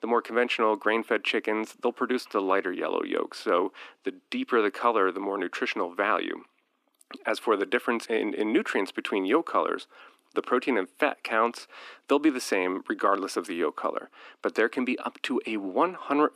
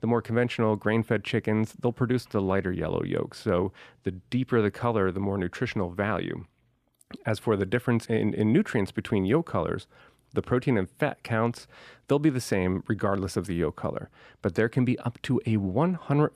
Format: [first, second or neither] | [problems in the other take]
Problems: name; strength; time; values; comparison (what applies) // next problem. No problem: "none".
second | thin; somewhat; fading below 250 Hz